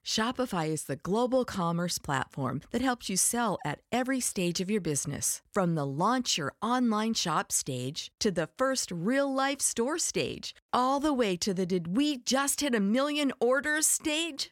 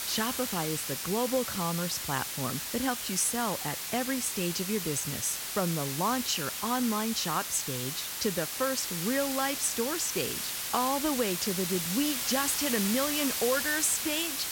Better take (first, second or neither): first